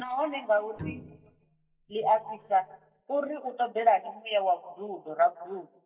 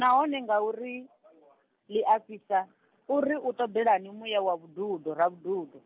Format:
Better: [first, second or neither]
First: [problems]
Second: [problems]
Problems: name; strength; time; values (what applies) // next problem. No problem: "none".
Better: second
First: noise reduction (neural mask model DeepFilterNet 3)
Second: none